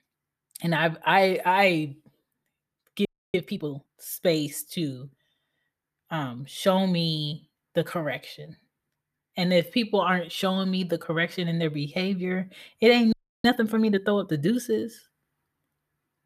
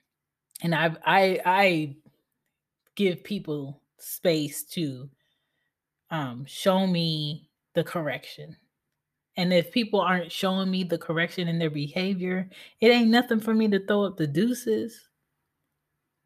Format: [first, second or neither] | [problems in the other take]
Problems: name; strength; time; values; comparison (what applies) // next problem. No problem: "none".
second | audio freezing; at 3 s and at 13 s